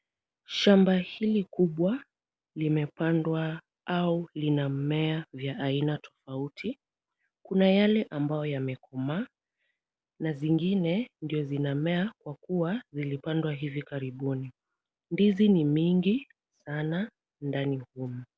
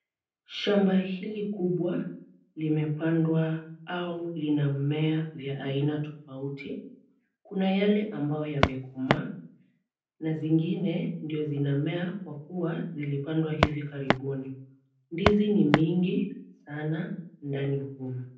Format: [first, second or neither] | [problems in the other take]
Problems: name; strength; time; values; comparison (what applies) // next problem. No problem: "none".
first | background sound (Walk, footsteps); 2 dB above the speech // room echo; dies away in 0.6 s